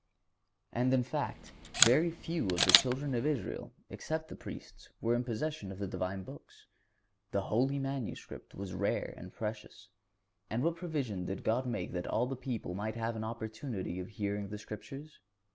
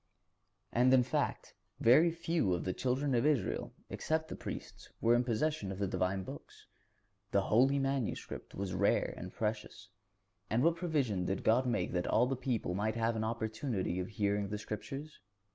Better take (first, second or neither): second